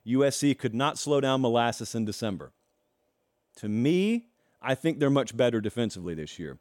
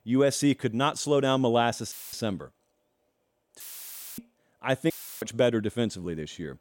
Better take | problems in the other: first | audio cutting out; filled with static; at 2 s, at 3.5 s for 0.5 s and at 5 s

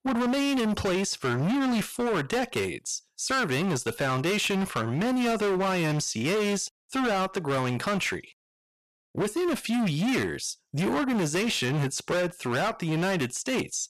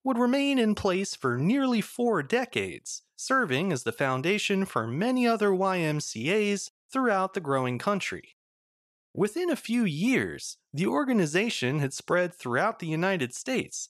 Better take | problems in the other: second | distortion; heavy; 28% of the sound clipped

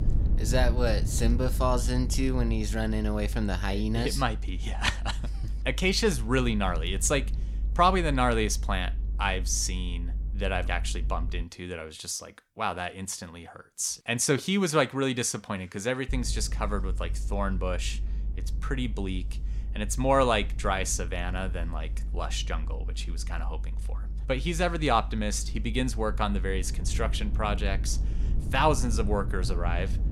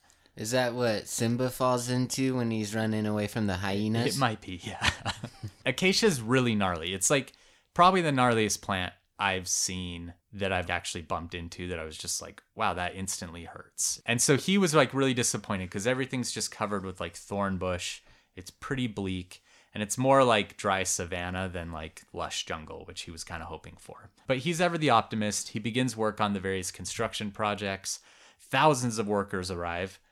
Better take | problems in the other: second | low rumble; faint; until 11 s and from 16 s on; 20 dB below the speech

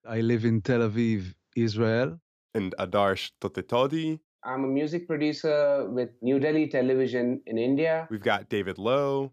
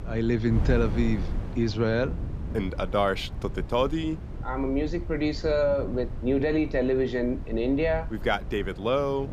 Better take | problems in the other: first | wind noise on the microphone; occasional gusts; 15 dB below the speech

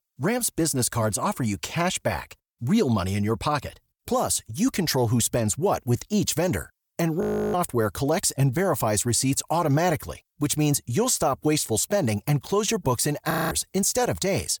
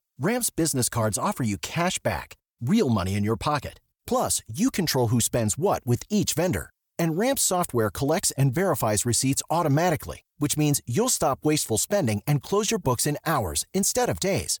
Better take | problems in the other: second | audio freezing; at 7 s and at 13 s

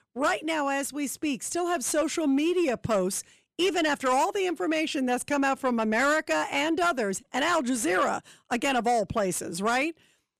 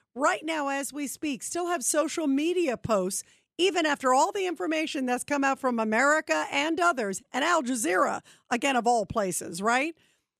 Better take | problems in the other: second | distortion; slight; 10 dB below the speech

